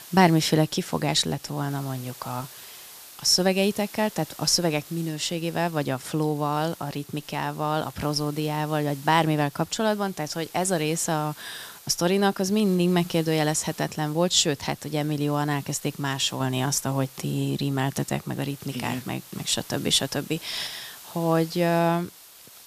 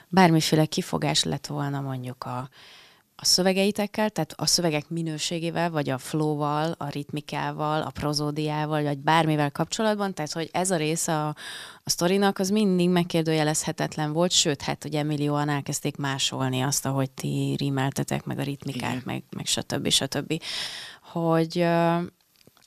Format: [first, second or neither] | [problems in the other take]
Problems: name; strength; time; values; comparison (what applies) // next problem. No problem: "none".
second | hiss; noticeable; throughout; 20 dB below the speech